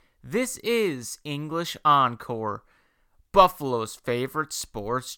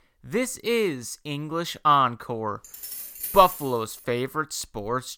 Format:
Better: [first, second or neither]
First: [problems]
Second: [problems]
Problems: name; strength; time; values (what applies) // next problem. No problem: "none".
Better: first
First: none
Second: jangling keys; noticeable; from 2.5 to 4 s; peak 6 dB below the speech